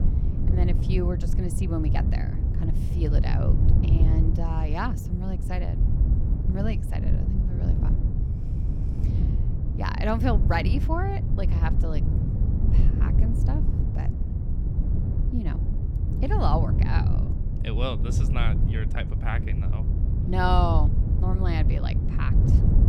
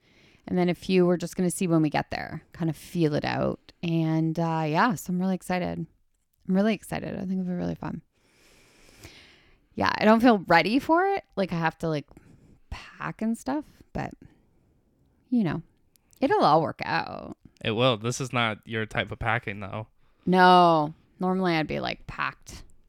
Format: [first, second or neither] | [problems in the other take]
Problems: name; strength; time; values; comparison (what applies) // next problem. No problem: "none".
second | wind noise on the microphone; heavy; 6 dB below the speech